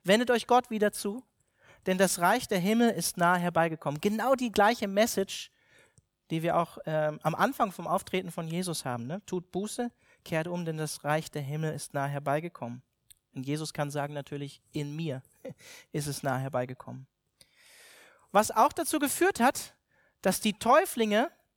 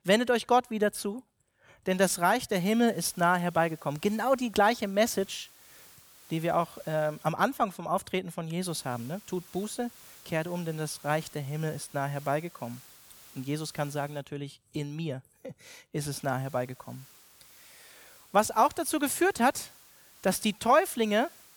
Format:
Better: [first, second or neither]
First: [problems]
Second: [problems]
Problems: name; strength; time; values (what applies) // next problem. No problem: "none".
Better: first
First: none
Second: hiss; faint; from 2.5 to 7.5 s, from 8.5 to 14 s and from 16 s on; 25 dB below the speech